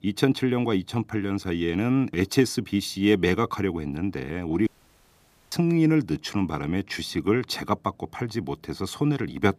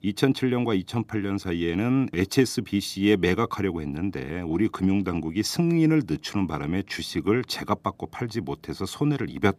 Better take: second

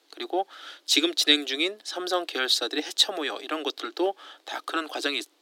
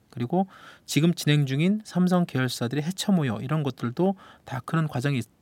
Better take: second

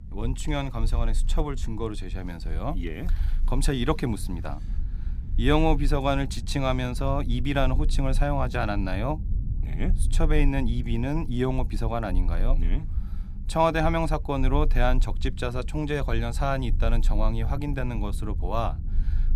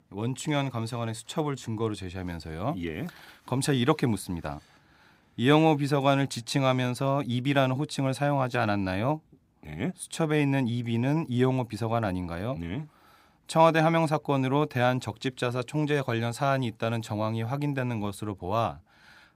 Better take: second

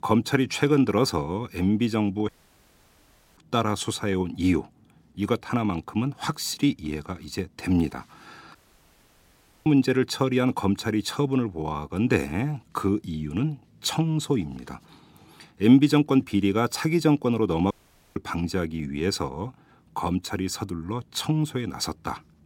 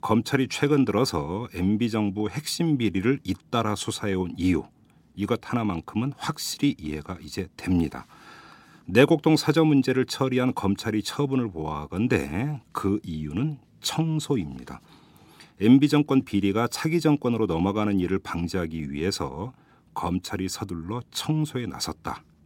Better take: second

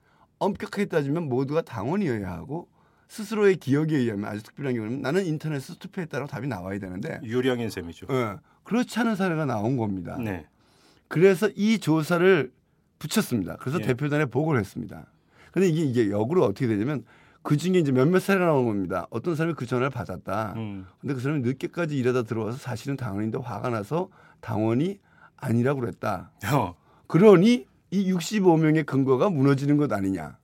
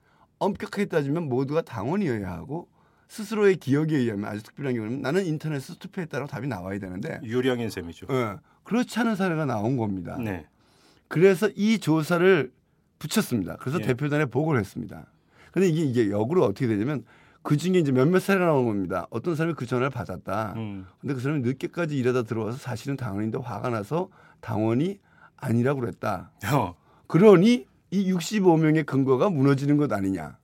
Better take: neither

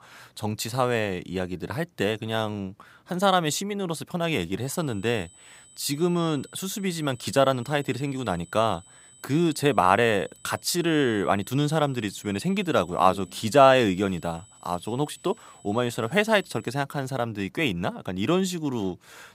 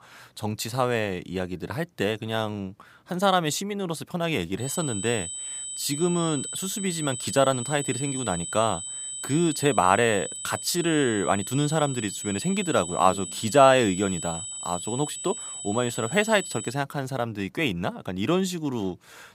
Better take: first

